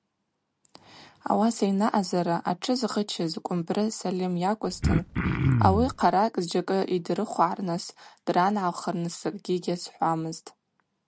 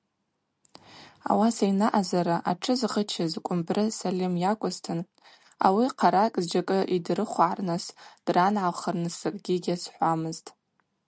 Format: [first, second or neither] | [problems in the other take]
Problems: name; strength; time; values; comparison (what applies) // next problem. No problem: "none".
second | background sound (Cough); 2 dB above the speech